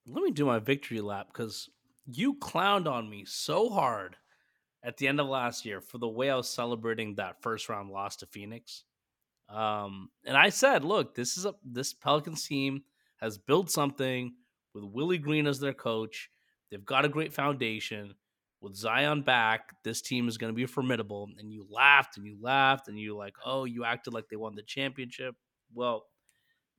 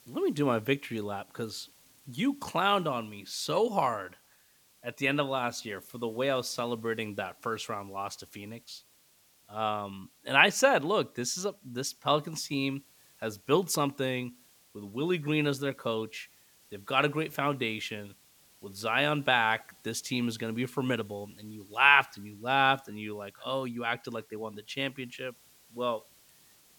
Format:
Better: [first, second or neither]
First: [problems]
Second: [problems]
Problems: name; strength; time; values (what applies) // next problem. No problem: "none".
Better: first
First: none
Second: hiss; faint; throughout; 30 dB below the speech